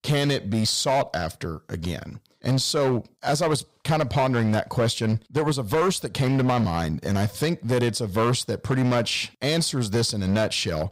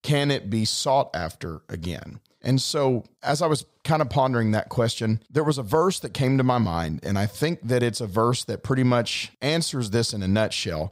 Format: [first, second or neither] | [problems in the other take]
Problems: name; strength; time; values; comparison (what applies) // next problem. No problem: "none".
second | distortion; slight; 10% of the sound clipped